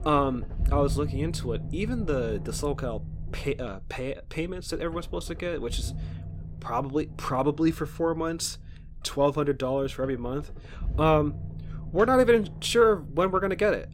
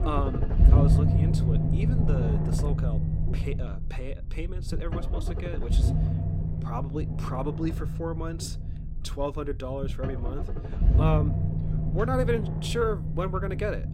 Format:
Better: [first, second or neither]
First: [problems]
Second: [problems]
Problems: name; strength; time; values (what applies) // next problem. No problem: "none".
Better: first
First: low rumble; faint; throughout; 20 dB below the speech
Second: low rumble; loud; throughout; 4 dB below the speech